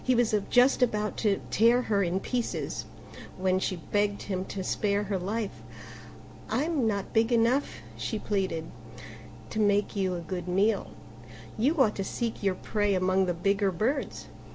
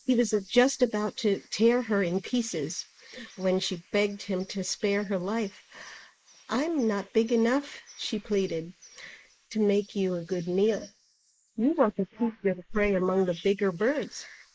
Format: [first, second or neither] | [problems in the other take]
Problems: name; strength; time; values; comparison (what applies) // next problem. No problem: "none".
first | noise reduction (neural mask model Resemble Enhance denoiser)